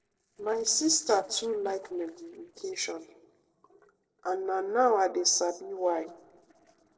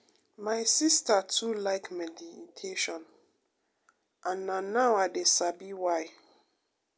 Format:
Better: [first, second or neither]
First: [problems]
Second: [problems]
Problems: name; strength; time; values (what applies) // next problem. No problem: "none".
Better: second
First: noise reduction (neural separator model SepFormer DNS4)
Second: none